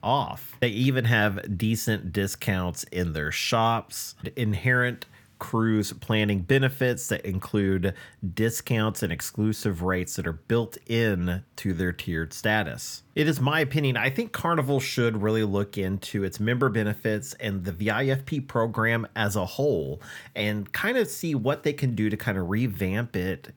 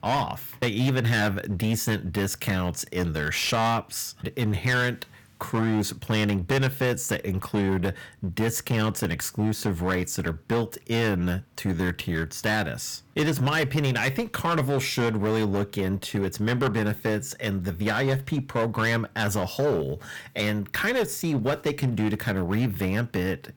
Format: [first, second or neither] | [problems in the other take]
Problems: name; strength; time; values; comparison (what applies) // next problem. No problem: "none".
first | distortion; slight; 15% of the sound clipped